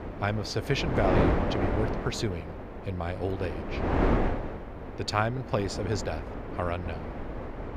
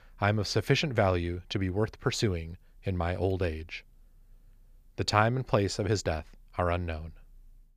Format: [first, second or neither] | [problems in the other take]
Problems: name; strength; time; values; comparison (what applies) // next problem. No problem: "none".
second | wind noise on the microphone; heavy; 1 dB below the speech